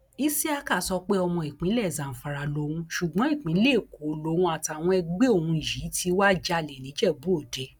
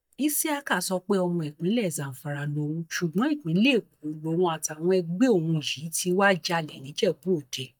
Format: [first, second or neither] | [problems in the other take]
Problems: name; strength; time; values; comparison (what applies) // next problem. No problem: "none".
first | noise reduction (neural mask model DeepFilterNet 3)